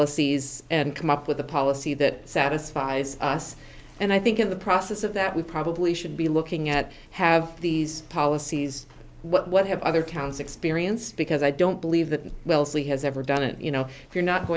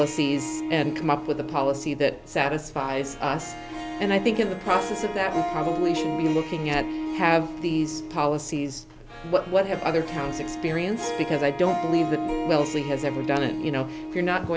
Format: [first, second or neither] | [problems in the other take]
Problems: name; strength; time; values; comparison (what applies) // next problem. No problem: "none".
first | background sound (Harp); 6 dB below the speech